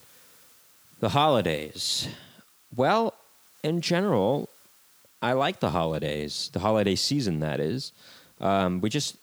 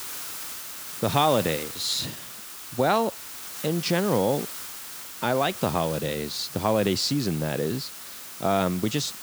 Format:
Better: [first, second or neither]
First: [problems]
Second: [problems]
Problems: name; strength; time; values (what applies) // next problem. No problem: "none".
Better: first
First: hiss; faint; throughout; 30 dB below the speech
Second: hiss; loud; throughout; 9 dB below the speech